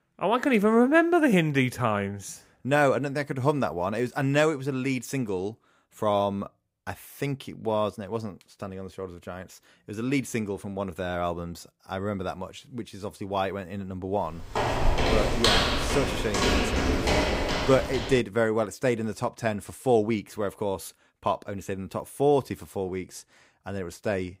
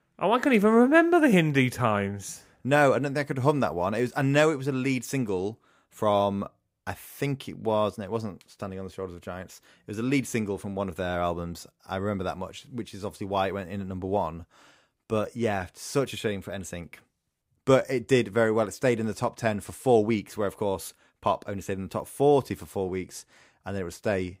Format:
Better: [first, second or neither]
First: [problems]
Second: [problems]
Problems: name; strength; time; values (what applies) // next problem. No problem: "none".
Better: second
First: footsteps; loud; from 14 to 18 s; peak 6 dB above the speech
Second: none